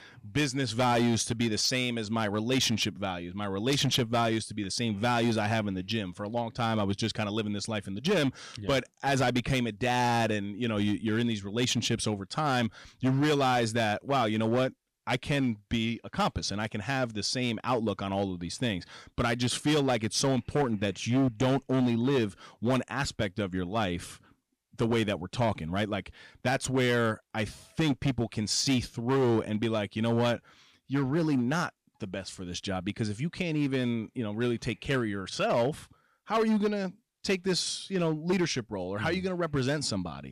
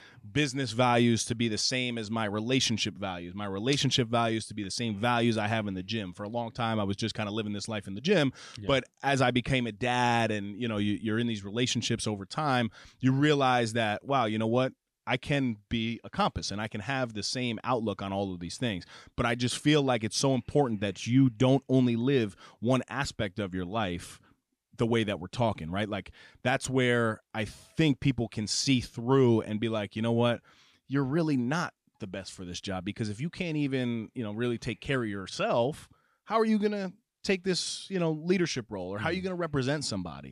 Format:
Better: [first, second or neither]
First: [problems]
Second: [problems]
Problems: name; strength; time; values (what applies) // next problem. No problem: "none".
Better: second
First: distortion; slight; 7% of the sound clipped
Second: none